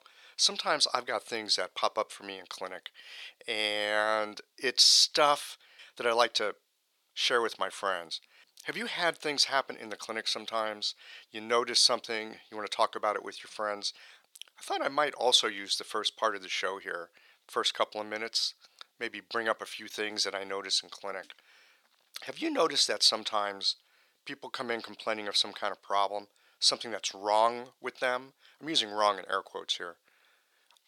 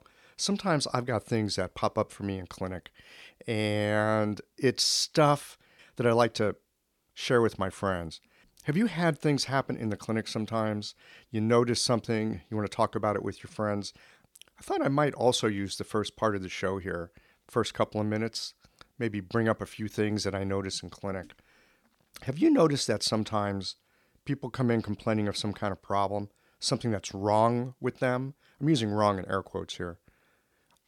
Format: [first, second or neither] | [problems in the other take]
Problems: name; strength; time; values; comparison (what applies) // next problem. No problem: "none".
second | thin; very; fading below 650 Hz